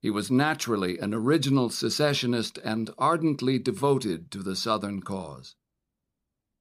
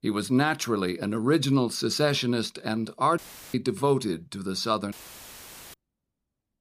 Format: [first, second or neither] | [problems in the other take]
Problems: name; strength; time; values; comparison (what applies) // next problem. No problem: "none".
first | audio cutting out; filled with static; at 3 s and at 5 s for 1 s